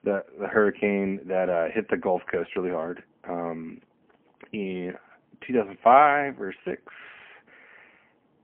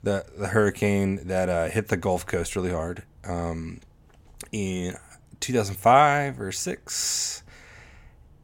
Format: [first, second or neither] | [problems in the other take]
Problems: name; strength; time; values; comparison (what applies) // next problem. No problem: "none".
second | phone-call audio; poor line